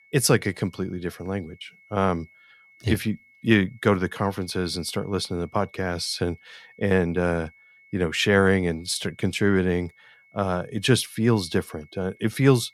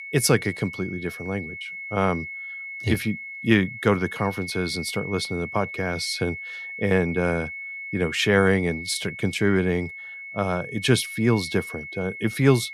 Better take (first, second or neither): first